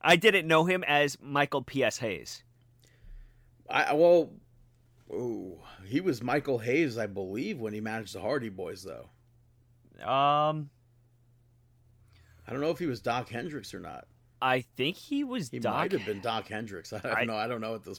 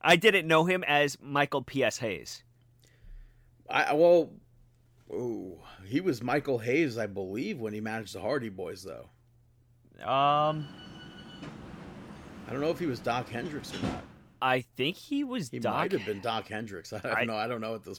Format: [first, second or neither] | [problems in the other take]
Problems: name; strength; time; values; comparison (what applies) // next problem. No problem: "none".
first | door banging; noticeable; from 10 to 14 s; peak 7 dB below the speech